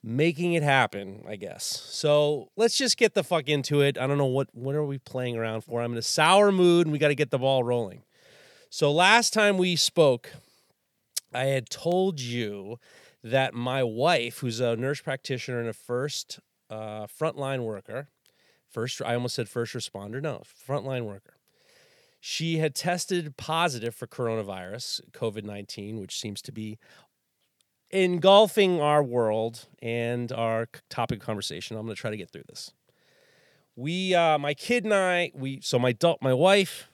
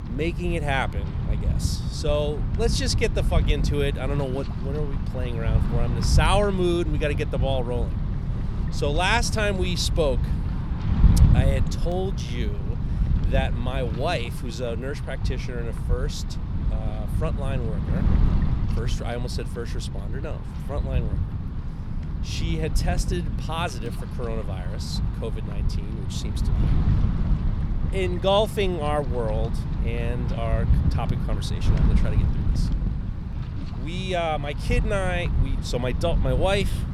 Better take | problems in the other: first | wind noise on the microphone; heavy; 10 dB below the speech

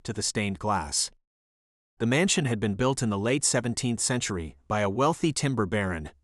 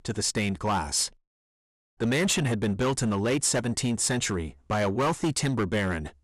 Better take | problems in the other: first | distortion; slight; 11% of the sound clipped

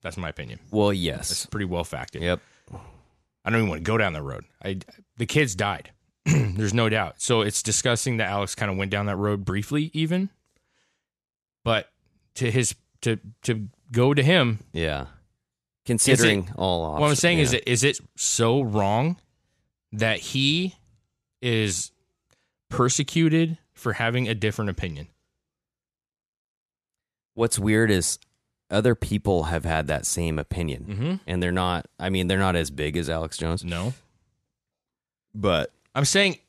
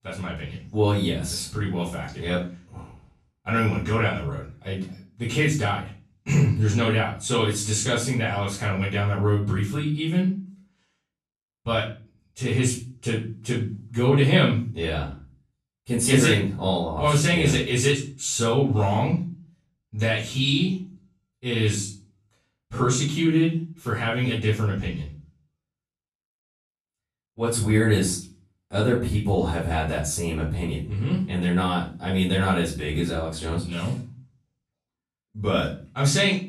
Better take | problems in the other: first | off-mic speech; far // room echo; noticeable; dies away in 0.4 s

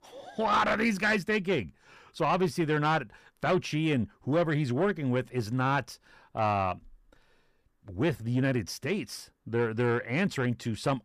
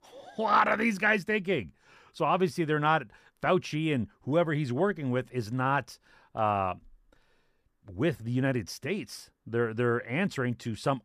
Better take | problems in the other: second | distortion; slight; 10 dB below the speech

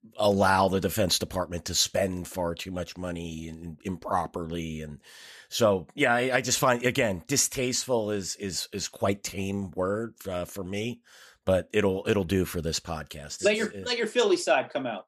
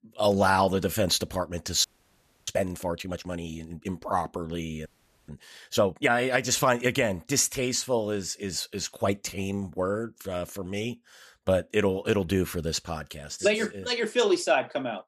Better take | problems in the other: first | audio freezing; at 2 s for 0.5 s and at 5 s

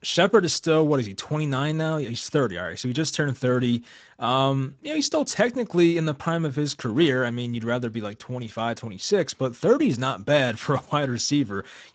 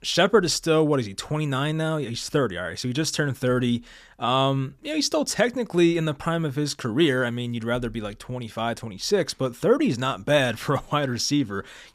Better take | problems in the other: second | garbled, watery; slightly; nothing above 7.5 kHz

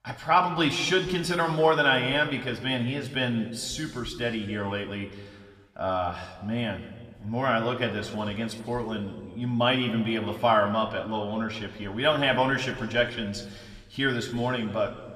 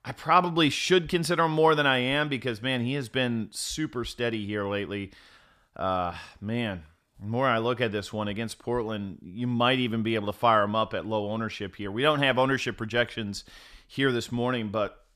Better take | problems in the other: second | room echo; slight; dies away in 1.5 s

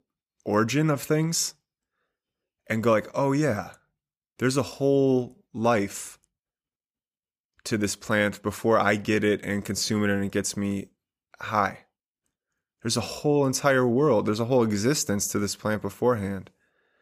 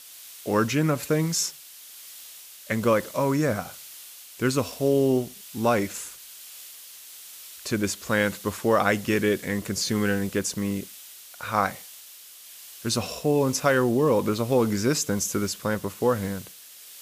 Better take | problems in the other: first | hiss; noticeable; throughout; 15 dB below the speech

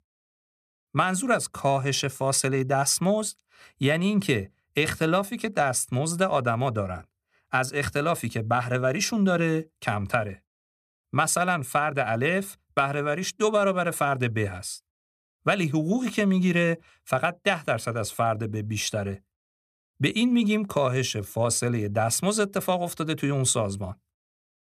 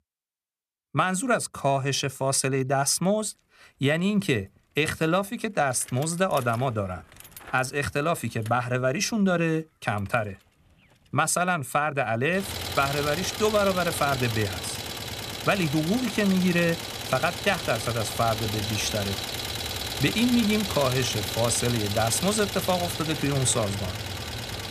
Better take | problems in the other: first | traffic noise; loud; throughout; 6 dB below the speech

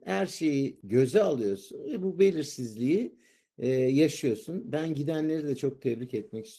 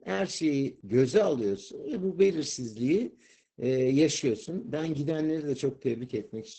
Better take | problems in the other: first | garbled, watery; badly; nothing above 8 kHz; slightly in the first

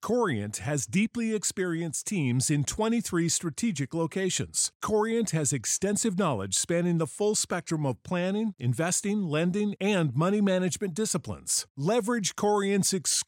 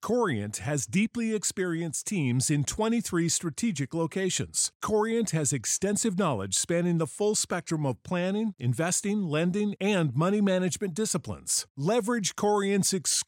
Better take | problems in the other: neither | none

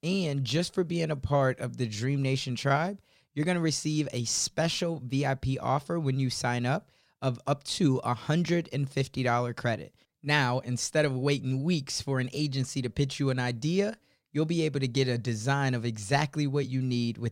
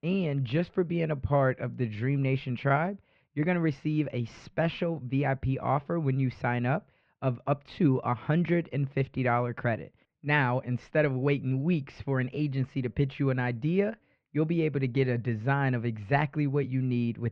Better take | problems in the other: first | muffled; very; fading above 2.5 kHz

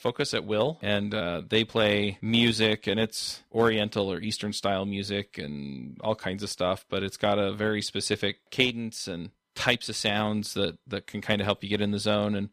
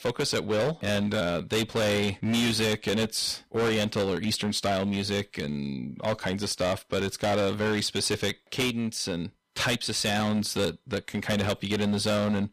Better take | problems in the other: first | distortion; heavy; 16% of the sound clipped

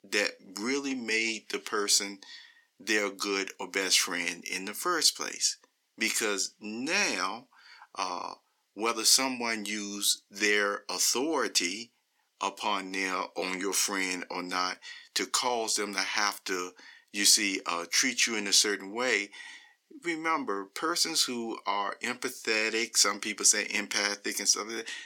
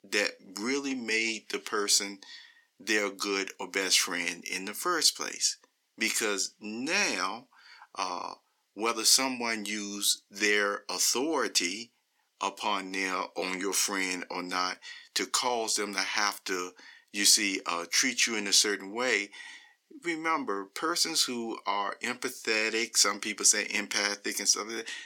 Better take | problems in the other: neither | thin; somewhat; fading below 300 Hz; the same in both

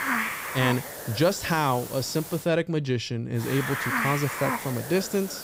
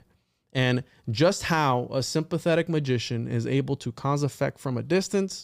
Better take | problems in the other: second | hiss; loud; until 2.5 s and from 3.5 s on; 4 dB below the speech

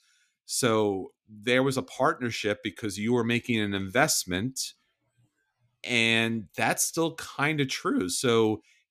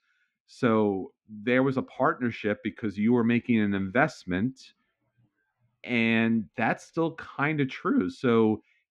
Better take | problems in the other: first | muffled; very; fading above 2 kHz

